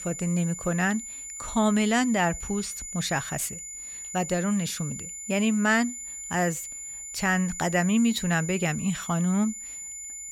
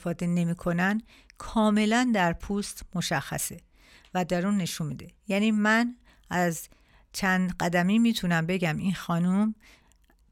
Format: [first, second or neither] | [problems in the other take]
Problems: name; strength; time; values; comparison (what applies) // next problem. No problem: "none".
second | high-pitched whine; loud; throughout; 7 kHz, 9 dB below the speech